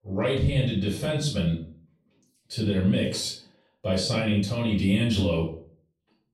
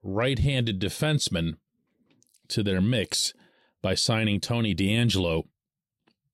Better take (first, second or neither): second